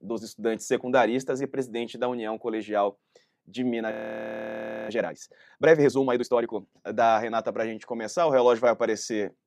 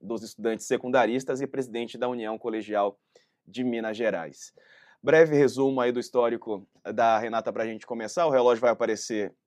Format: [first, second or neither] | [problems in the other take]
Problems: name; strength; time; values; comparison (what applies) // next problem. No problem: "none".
second | audio freezing; at 4 s for 1 s